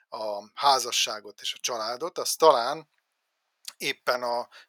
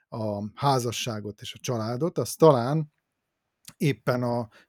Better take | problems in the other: second | thin; very; fading below 800 Hz

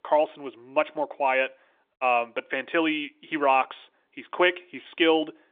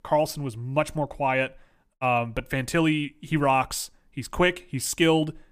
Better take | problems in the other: second | phone-call audio; nothing above 3 kHz

